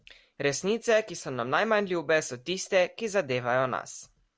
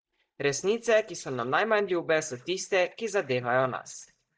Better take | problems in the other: first | noise reduction (neural mask model DeepFilterNet 3)

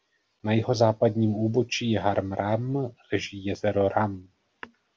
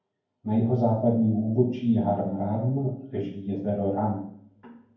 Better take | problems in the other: first | room echo; dies away in 0.9 s

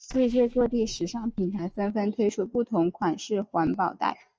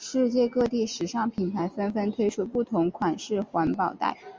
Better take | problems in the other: second | noise reduction (neural mask model DeepFilterNet 3)

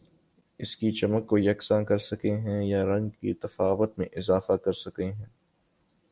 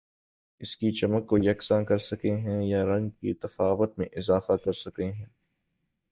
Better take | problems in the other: first | noise reduction (neural mask model DeepFilterNet 3)

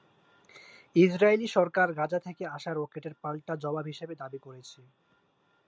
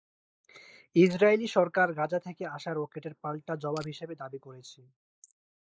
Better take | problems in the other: first | noise reduction (neural mask model Resemble Enhance denoiser)

